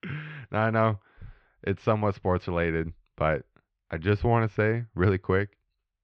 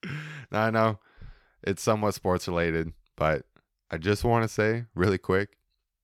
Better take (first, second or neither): second